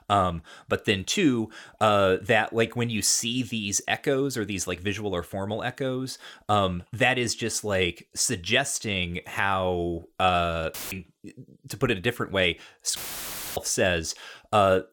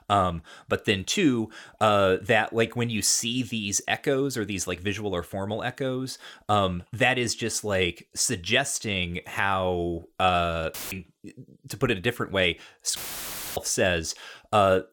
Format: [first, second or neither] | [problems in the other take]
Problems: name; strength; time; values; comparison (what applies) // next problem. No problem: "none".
neither | audio cutting out; filled with static; at 11 s and at 13 s for 0.5 s; the same in both